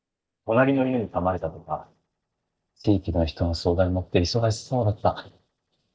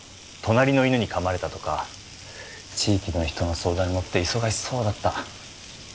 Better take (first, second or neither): second